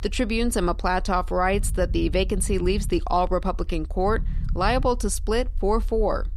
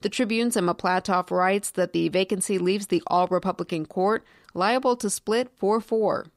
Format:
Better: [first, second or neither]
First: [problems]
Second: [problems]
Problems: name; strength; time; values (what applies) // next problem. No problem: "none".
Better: second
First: low rumble; faint; throughout; 25 dB below the speech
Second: none